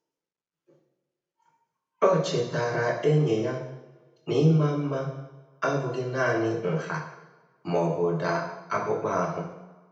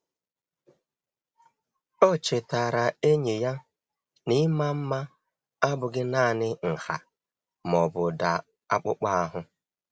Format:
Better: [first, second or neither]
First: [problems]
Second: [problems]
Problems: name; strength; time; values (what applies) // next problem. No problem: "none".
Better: second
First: room echo; dies away in 0.9 s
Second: none